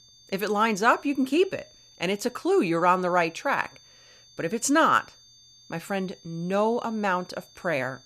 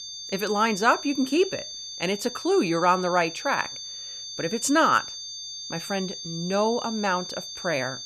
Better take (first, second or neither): first